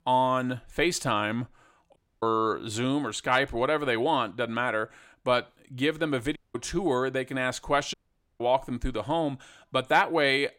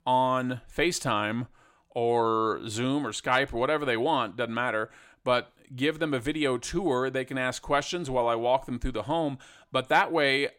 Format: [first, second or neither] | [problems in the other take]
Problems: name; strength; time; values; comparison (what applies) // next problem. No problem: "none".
second | audio cutting out; at 2 s, at 6.5 s and at 8 s